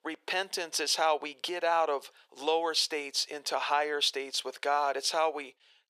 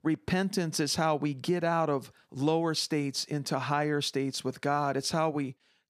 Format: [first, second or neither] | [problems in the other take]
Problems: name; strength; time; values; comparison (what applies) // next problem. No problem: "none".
second | thin; very; fading below 450 Hz